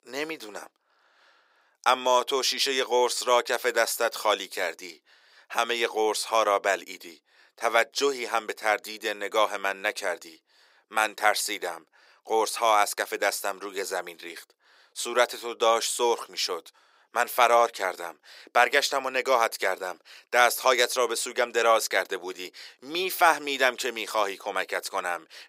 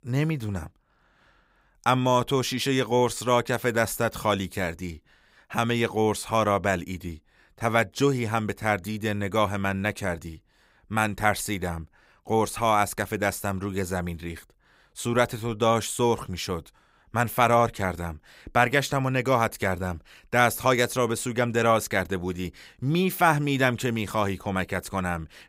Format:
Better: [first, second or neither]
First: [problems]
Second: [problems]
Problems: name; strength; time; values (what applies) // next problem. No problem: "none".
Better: second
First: thin; very; fading below 400 Hz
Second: none